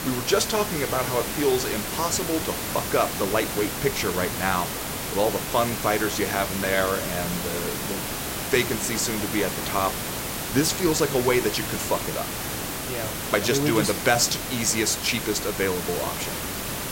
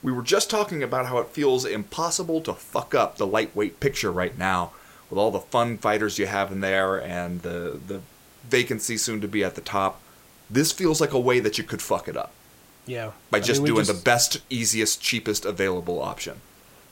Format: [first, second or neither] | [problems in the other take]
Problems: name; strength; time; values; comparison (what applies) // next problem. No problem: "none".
second | hiss; loud; throughout; 3 dB below the speech; faint in the second